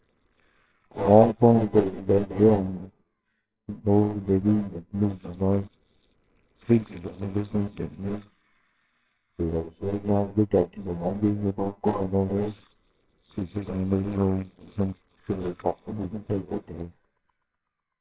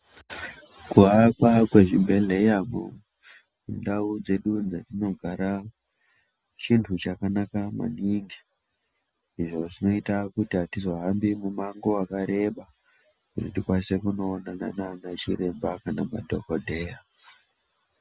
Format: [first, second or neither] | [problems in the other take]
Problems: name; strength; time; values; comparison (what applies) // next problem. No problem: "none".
second | noise reduction (neural separator model SepFormer WHAMR!)